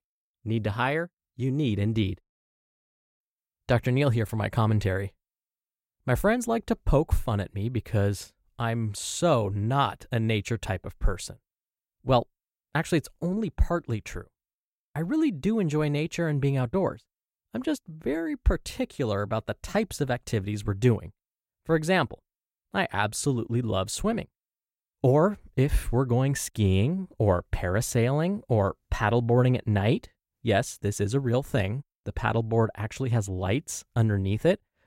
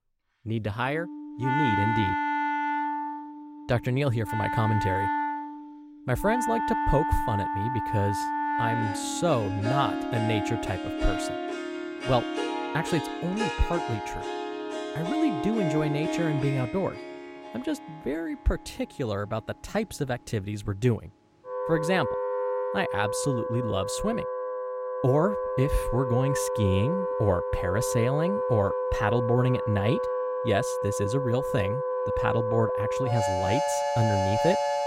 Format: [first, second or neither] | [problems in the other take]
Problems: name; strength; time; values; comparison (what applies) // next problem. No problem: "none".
first | background music; loud; throughout; 1 dB below the speech